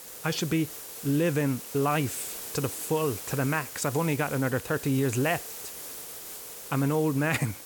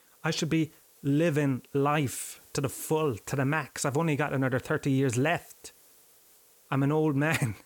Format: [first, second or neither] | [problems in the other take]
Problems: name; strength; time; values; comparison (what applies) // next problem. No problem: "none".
second | hiss; loud; throughout; 10 dB below the speech; faint in the second